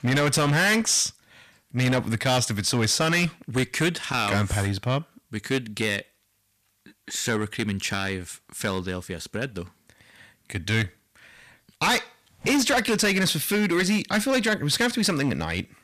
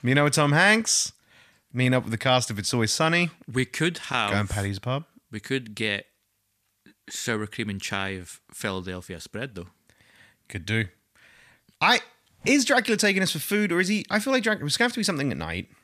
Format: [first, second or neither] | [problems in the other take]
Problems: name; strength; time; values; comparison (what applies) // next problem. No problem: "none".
second | distortion; heavy; 9% of the sound clipped